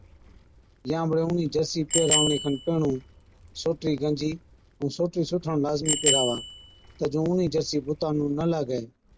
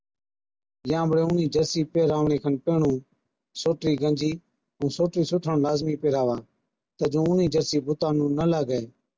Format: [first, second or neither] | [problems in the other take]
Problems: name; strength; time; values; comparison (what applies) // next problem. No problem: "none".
second | background sound (Bicycle bell); 5 dB below the speech